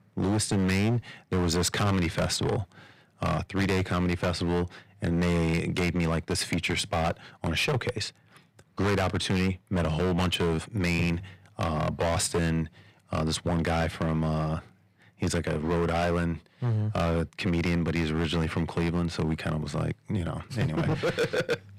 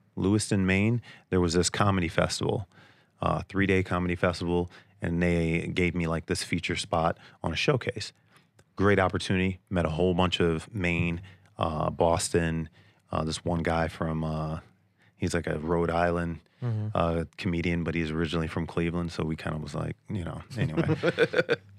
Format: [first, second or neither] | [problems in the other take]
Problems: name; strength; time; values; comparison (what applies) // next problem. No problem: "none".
second | distortion; heavy; 15% of the sound clipped